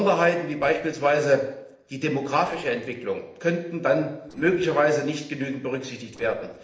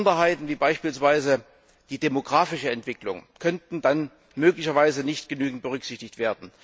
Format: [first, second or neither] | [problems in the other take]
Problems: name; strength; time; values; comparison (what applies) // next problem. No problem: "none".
second | noise reduction (neural separator model SepFormer DNS4)